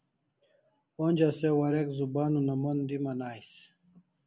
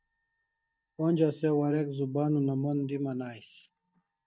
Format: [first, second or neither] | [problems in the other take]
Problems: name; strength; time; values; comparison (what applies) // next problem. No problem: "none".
first | noise reduction (neural mask model DeepFilterNet 3)